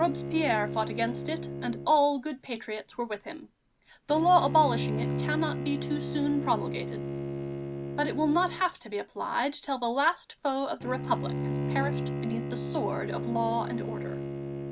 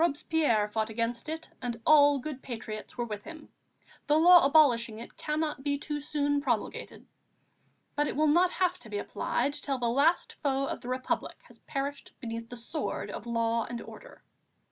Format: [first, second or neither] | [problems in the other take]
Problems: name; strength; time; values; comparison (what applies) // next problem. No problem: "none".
second | background sound (Bowed string instrument); 5 dB below the speech